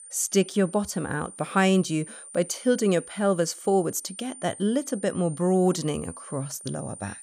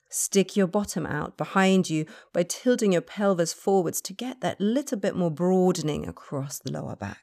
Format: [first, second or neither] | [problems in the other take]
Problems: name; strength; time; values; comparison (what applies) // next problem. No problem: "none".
second | high-pitched whine; noticeable; throughout; 9 kHz, 15 dB below the speech